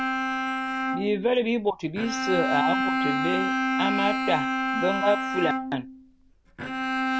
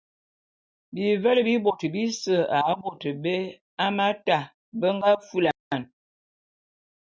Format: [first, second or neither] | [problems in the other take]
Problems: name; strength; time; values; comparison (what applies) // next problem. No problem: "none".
second | background sound (Bowed string instrument); 1 dB above the speech